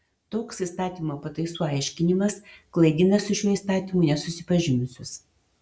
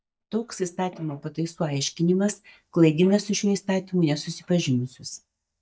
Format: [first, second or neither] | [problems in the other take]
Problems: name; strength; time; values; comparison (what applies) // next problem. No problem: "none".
first | noise reduction (neural mask model DeepFilterNet 3)